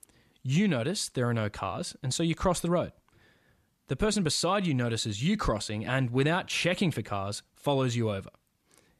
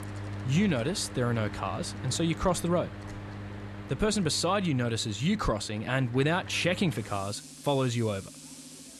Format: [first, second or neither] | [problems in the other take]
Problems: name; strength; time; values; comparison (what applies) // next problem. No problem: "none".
first | machinery noise; noticeable; throughout; 15 dB below the speech